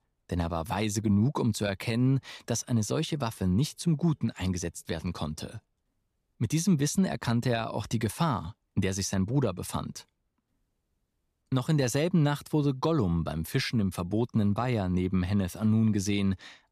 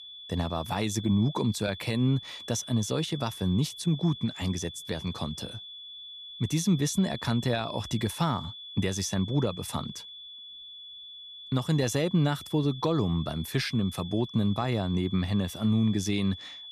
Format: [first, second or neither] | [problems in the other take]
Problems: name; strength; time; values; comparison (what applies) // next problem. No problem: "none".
first | high-pitched whine; noticeable; throughout; 3.5 kHz, 15 dB below the speech